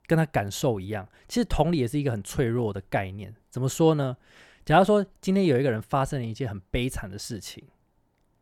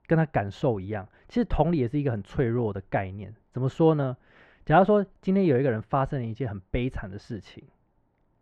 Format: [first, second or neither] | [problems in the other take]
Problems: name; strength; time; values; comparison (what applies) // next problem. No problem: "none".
first | muffled; very; fading above 2 kHz